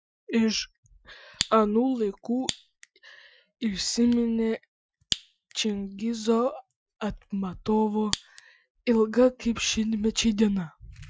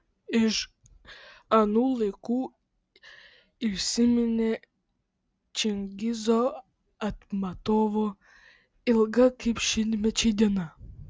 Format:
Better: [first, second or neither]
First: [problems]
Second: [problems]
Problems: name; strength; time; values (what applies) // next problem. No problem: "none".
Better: second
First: noise reduction (classical method Wiener filter)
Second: none